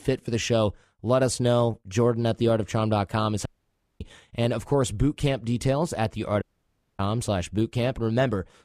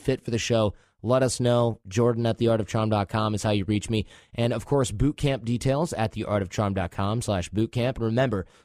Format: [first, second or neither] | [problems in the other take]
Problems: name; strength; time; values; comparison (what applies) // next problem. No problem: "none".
second | audio cutting out; at 3.5 s for 0.5 s and at 6.5 s for 0.5 s